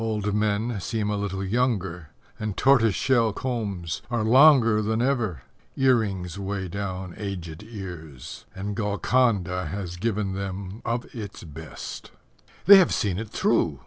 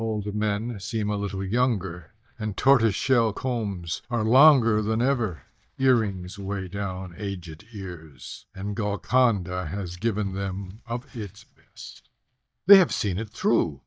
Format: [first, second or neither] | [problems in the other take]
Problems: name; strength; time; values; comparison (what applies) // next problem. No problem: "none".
first | noise reduction (neural mask model DeepFilterNet 3)